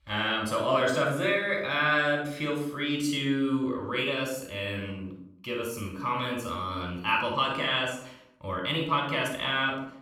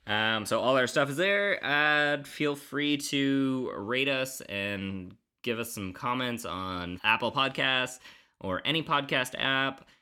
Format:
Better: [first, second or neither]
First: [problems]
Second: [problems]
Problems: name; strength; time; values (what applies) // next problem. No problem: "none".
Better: second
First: off-mic speech; somewhat distant // room echo; noticeable; dies away in 0.6 s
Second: none